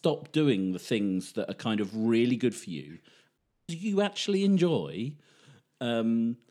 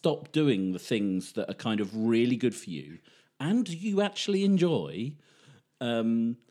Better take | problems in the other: second | audio cutting out; at 3.5 s

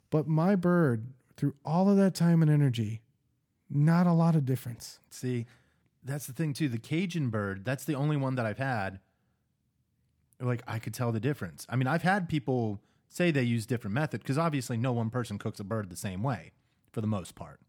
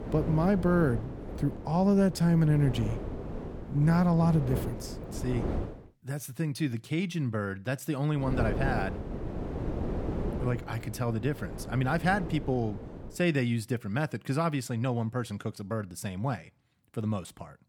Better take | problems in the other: first | wind noise on the microphone; heavy; until 6 s and from 8.5 to 13 s; 8 dB below the speech

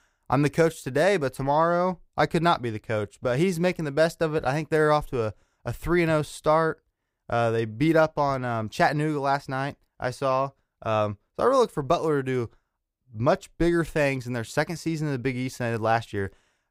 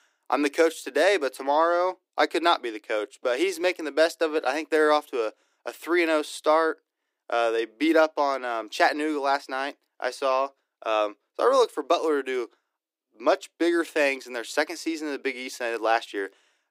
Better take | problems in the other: first | thin; somewhat; fading below 300 Hz

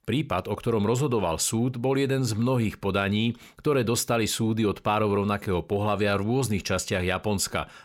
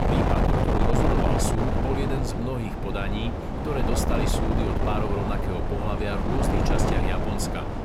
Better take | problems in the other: first | wind noise on the microphone; heavy; 4 dB above the speech

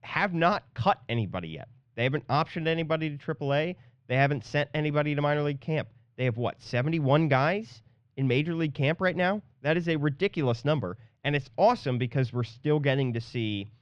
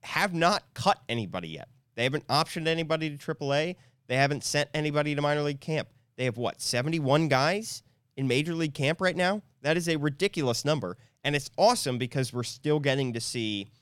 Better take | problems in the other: second | muffled; slightly; fading above 3 kHz

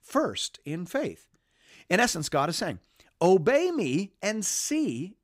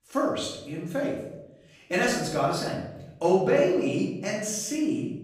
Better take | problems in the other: first | off-mic speech; far // room echo; noticeable; dies away in 0.9 s

